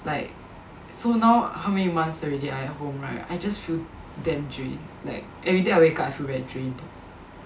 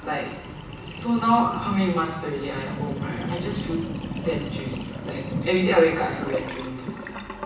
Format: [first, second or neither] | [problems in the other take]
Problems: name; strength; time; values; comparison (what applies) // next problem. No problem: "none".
first | background sound (Sink (filling or washing)); 7 dB below the speech // room echo; dies away in 1 s